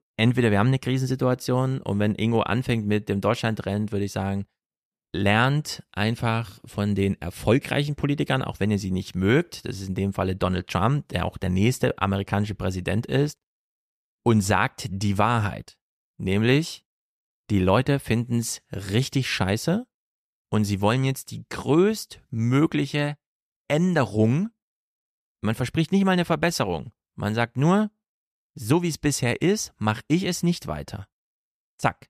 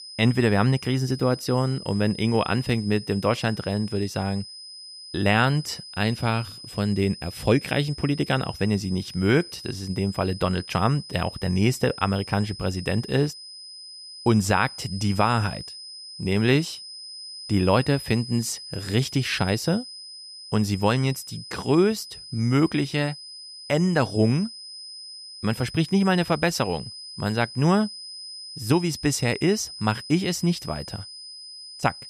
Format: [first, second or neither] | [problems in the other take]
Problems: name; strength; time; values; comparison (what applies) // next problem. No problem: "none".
first | high-pitched whine; noticeable; throughout; 5 kHz, 15 dB below the speech